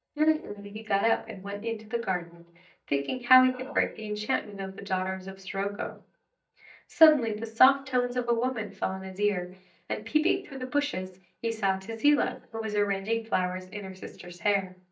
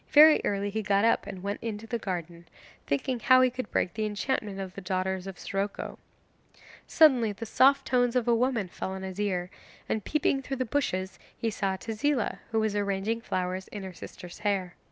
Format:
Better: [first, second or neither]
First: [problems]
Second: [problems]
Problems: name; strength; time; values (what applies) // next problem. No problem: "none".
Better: second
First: noise reduction (neural mask model DeepFilterNet 3)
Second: none